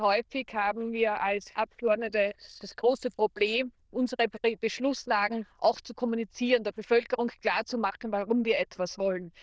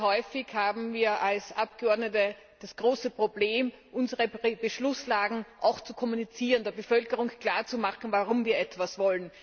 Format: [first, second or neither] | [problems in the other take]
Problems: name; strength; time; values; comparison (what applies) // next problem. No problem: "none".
second | noise reduction (neural diffusion model UNIVERSE++)